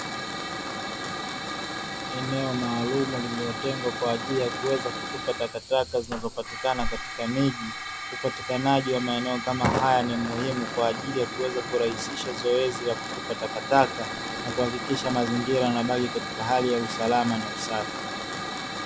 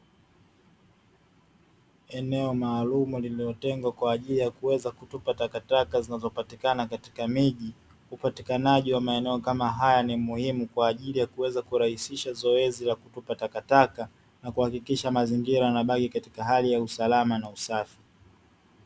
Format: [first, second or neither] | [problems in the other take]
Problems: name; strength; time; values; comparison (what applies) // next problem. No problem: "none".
second | background sound (Hiss / Fire); 5 dB below the speech